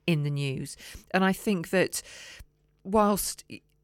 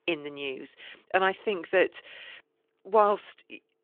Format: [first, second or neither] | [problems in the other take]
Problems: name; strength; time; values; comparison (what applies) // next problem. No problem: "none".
first | phone-call audio